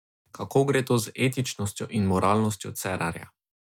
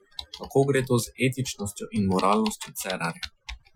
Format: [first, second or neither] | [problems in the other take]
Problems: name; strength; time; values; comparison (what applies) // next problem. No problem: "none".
first | noise reduction (classical method Wiener filter)